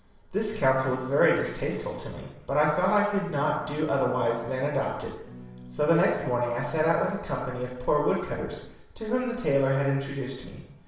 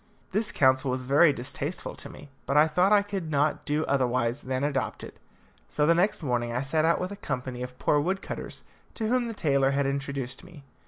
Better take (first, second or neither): second